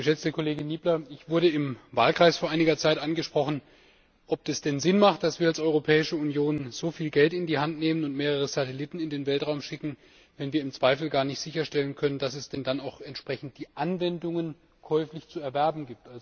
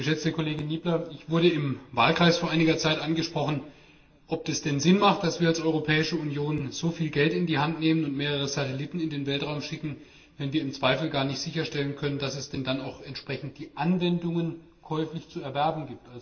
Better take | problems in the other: first | room echo; dies away in 0.8 s

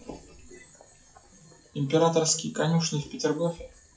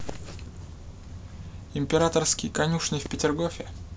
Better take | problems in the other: second | noise reduction (classical method WPE with log-MMSE)

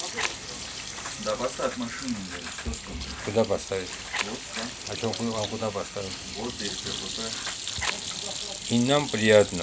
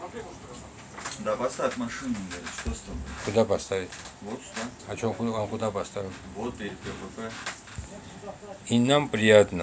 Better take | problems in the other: second | background sound (Fire + Sink (filling or washing) / Hands); 6 dB below the speech

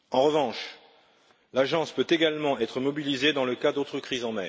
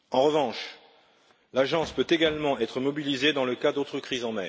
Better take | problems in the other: first | background sound (Bass drum); 17 dB below the speech

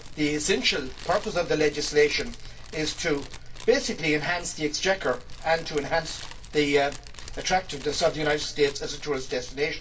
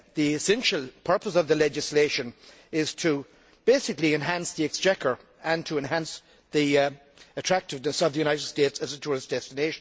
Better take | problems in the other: second | background sound (Fire); 12 dB below the speech // room echo; dies away in 0.2 s

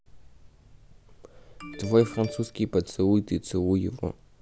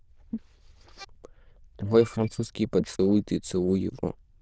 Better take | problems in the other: first | noise reduction (neural diffusion model UNIVERSE++)

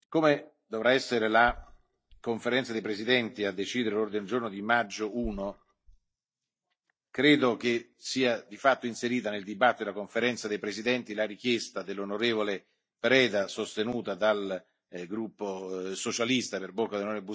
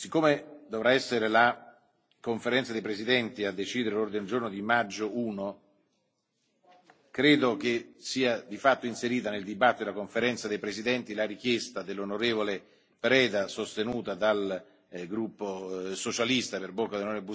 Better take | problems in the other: second | noise reduction (neural mask model DeepFilterNet 3)

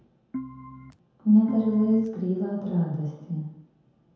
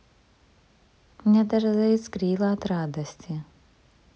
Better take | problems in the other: second | background sound (Organ); 14 dB below the speech // room echo; dies away in 0.9 s

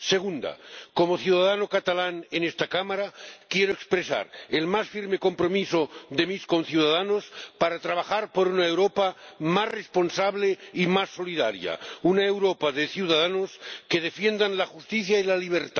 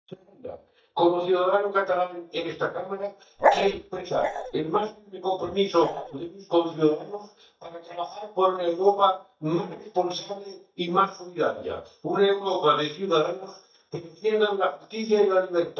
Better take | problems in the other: first | noise reduction (neural mask model DeepFilterNet 3)

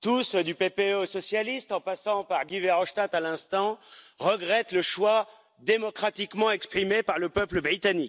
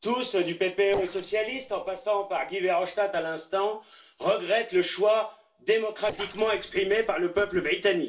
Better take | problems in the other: first | noise reduction (neural separator model SepFormer DNS4)

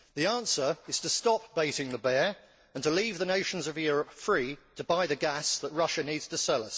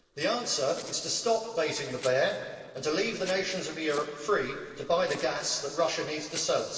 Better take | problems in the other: first | noise reduction (neural separator model SepFormer DNS4)

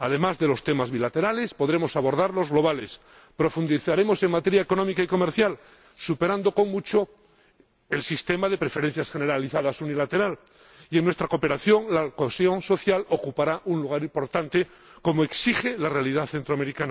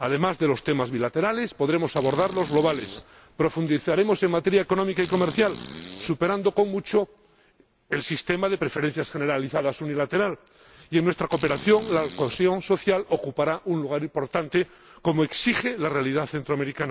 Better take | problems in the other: first | background sound (Fart); 18 dB below the speech

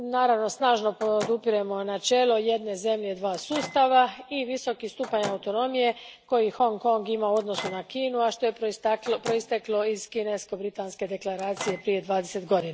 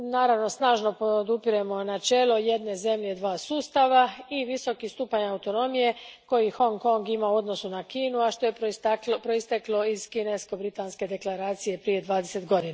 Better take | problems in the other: second | background sound (Microwave oven); 17 dB below the speech

